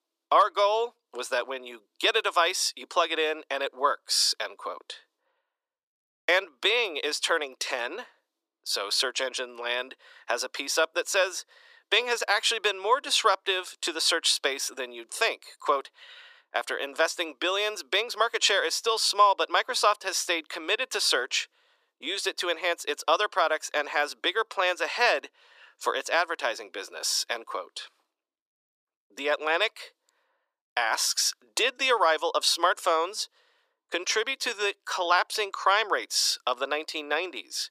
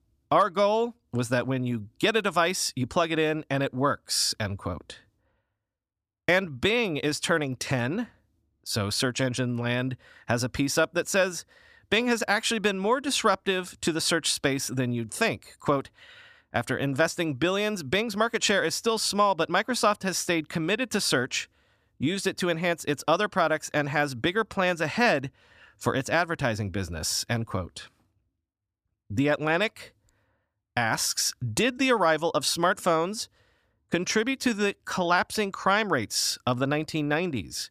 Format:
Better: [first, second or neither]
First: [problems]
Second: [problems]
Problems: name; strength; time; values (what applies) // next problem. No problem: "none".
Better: second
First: thin; very; fading below 400 Hz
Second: none